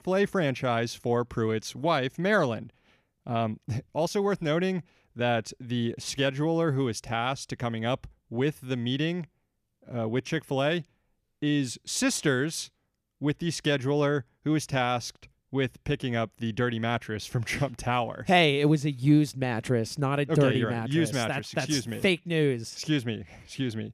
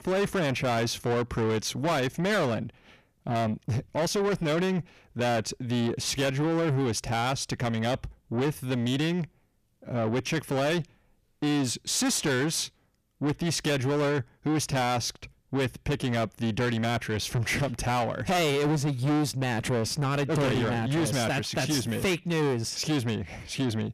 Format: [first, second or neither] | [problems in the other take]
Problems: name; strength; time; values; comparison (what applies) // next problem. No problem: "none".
first | distortion; heavy; 6 dB below the speech